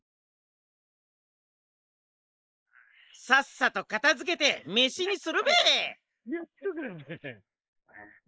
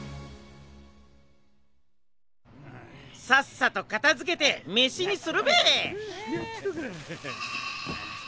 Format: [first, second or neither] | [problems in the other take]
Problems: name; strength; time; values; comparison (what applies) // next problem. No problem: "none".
second | noise reduction (neural mask model Resemble Enhance denoiser)